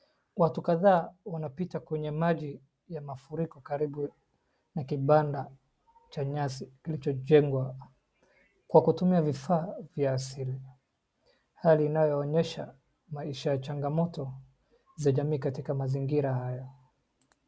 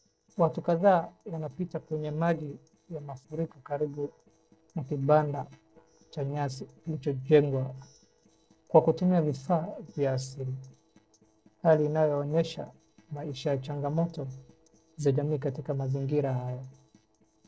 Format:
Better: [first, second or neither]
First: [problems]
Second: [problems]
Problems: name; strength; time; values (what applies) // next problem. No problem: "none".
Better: first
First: none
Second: noise reduction (neural separator model SepFormer DNS4)